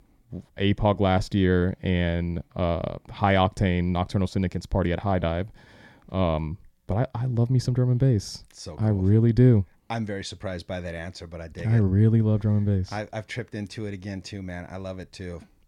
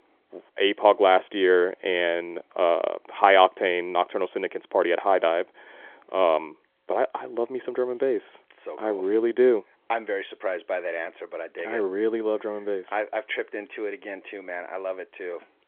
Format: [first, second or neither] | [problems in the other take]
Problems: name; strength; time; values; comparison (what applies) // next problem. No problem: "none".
first | phone-call audio; nothing above 3.5 kHz